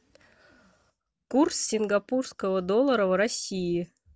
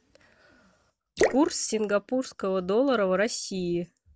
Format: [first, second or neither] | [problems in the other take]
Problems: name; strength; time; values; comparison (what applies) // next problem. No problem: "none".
first | background sound (Drip / Splash, splatter); 5 dB below the speech